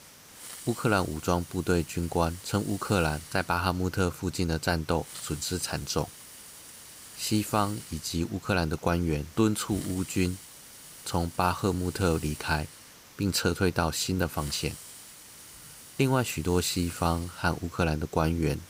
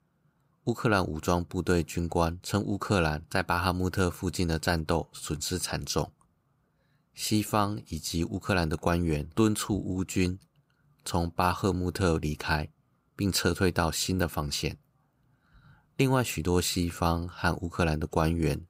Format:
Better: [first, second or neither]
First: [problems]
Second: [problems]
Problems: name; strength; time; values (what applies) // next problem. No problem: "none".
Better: second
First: hiss; noticeable; throughout; 15 dB below the speech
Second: none